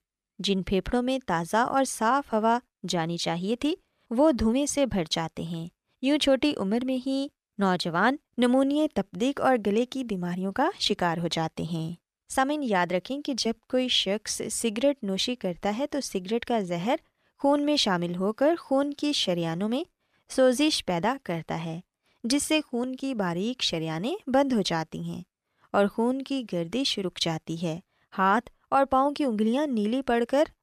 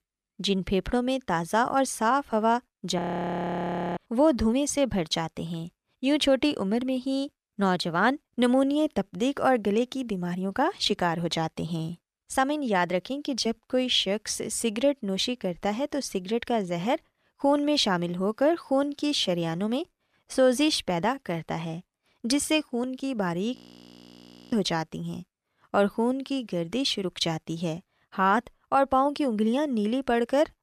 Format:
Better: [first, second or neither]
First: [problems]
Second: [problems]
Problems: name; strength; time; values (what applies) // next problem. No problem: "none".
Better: first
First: none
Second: audio freezing; at 3 s for 1 s and at 24 s for 1 s